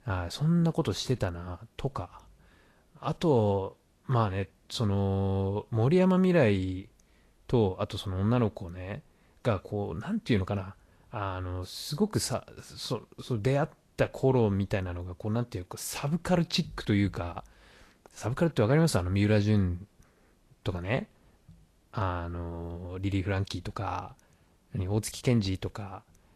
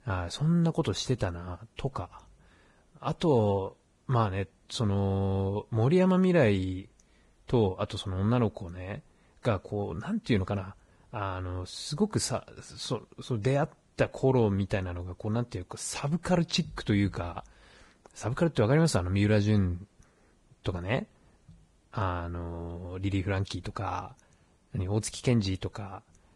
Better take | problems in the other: first | garbled, watery; badly; nothing above 10.5 kHz; slightly in the first

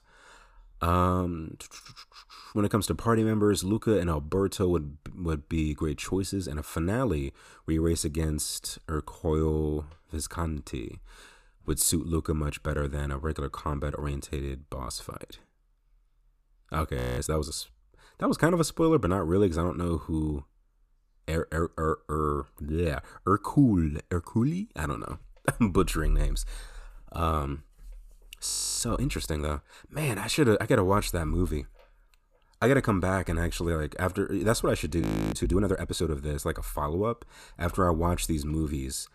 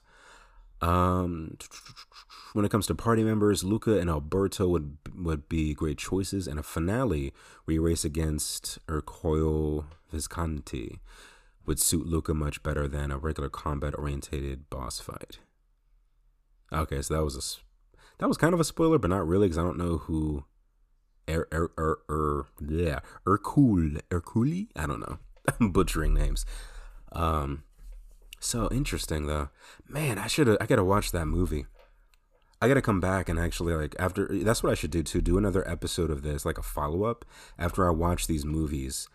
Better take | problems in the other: second | audio freezing; at 17 s, at 28 s and at 35 s

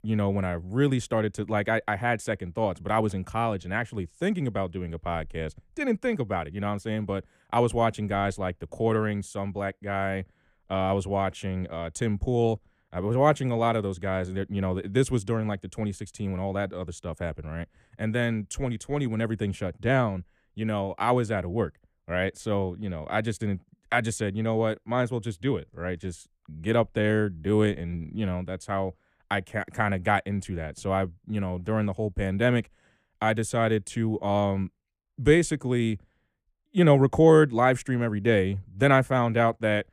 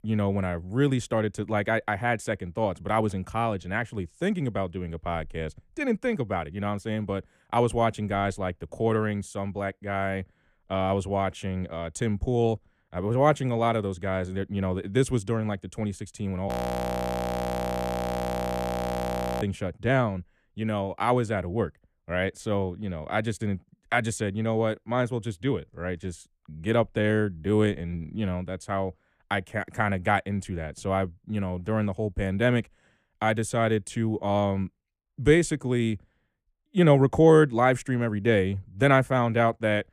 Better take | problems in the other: first | audio freezing; at 16 s for 3 s

